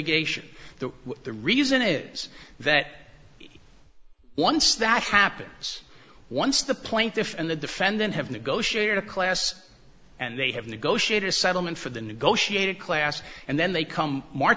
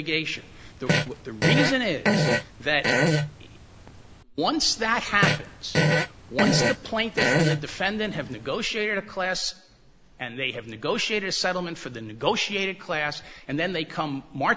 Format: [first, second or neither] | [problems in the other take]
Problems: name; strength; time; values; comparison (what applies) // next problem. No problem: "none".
first | background sound (Fart); 3 dB above the speech